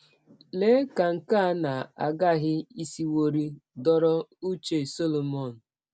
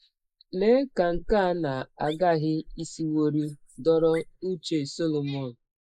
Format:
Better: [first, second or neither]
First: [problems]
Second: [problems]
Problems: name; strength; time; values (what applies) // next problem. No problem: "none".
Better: first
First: none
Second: noise reduction (neural mask model Resemble Enhance denoiser)